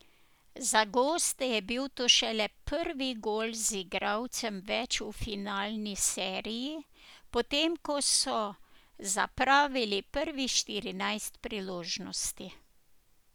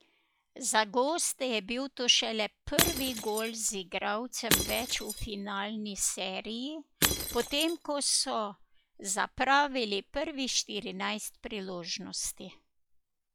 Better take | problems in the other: first | noise reduction (classical method log-MMSE)

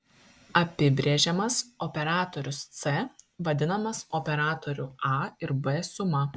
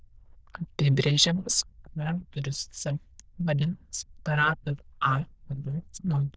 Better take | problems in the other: first | noise reduction (neural diffusion model UNIVERSE++)

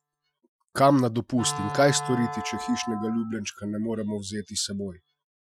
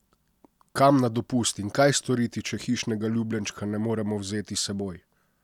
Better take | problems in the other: second | noise reduction (classical method Wiener filter)

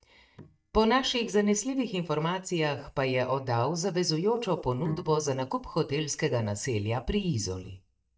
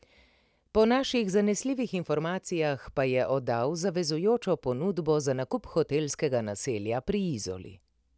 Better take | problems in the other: second | noise reduction (neural mask model DeepFilterNet 3)

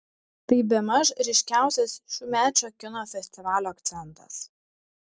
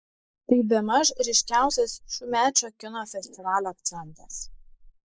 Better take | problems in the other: first | noise reduction (neural mask model Resemble Enhance denoiser)

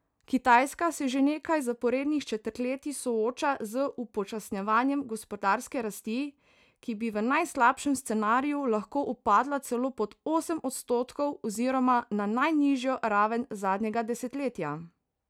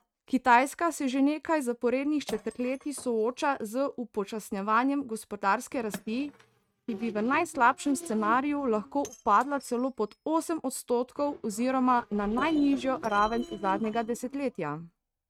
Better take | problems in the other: first | noise reduction (neural mask model RNNoise)

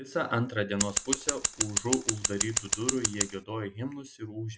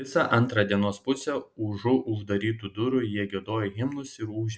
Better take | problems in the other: second | background sound (Scissors); 3 dB above the speech

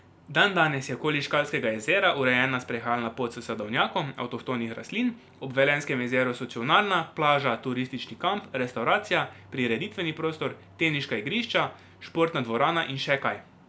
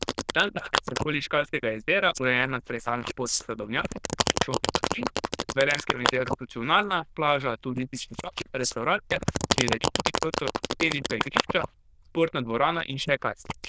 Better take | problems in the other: first | noise reduction (neural diffusion model UNIVERSE++)

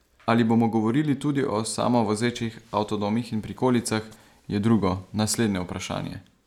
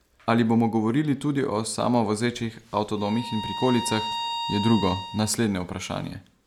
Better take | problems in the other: first | background sound (Bowed string instrument); 7 dB below the speech

